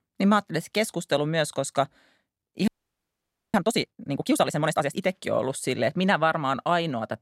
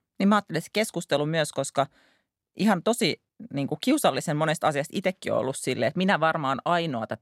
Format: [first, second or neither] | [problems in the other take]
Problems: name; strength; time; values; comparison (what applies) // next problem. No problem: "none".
second | audio freezing; at 2.5 s for 1 s